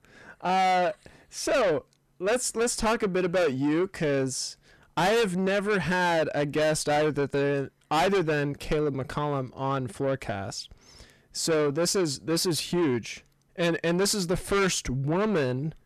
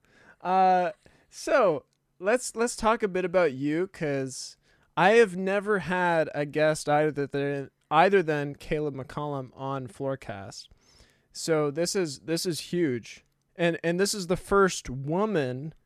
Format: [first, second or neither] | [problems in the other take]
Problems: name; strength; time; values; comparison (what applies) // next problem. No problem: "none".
second | distortion; heavy; 6 dB below the speech